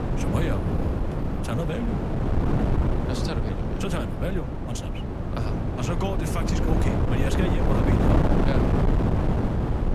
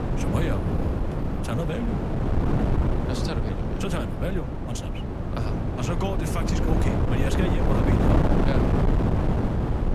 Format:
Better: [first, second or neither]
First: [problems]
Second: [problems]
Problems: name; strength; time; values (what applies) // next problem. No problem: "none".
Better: neither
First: wind noise on the microphone; heavy; 4 dB above the speech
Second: wind noise on the microphone; heavy; 4 dB above the speech